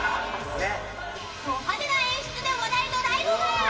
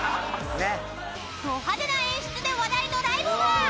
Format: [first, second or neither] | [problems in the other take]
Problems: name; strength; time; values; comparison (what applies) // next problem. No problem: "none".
second | room echo; dies away in 2.7 s